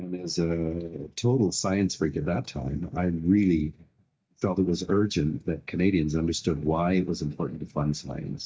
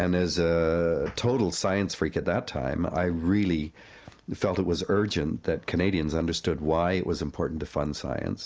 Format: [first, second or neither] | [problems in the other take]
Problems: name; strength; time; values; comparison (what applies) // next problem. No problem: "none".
second | noise reduction (neural mask model DeepFilterNet 3)